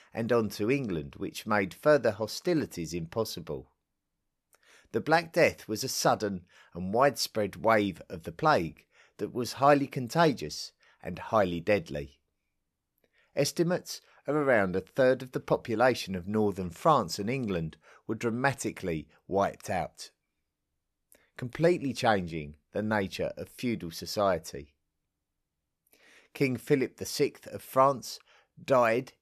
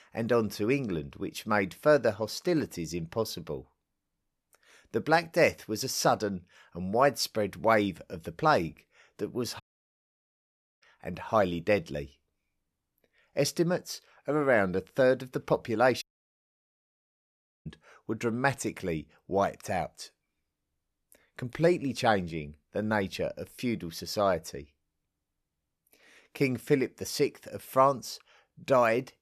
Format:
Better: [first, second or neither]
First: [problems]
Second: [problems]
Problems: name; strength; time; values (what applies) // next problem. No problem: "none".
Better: first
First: none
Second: audio cutting out; at 9.5 s for 1 s and at 16 s for 1.5 s